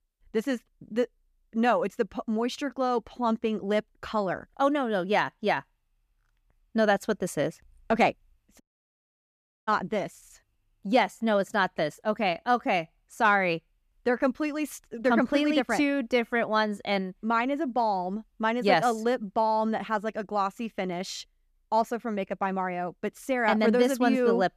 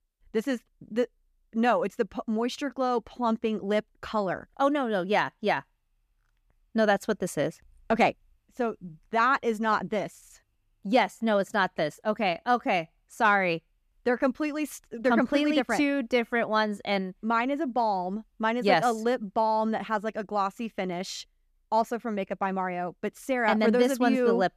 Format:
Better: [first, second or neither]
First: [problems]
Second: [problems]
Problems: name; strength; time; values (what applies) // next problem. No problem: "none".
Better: second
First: audio cutting out; at 8.5 s for 1 s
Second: none